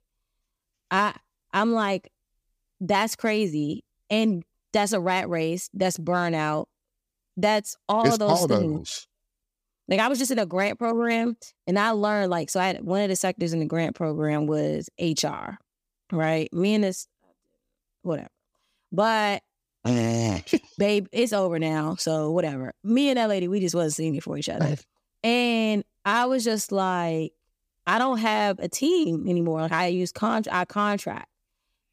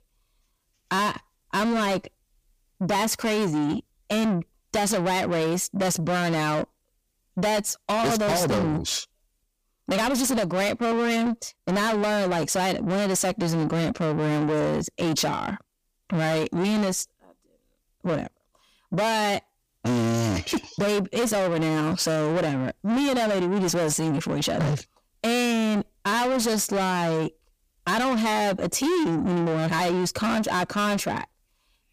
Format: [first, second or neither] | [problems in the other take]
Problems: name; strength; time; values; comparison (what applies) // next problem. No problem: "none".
first | distortion; heavy; 6 dB below the speech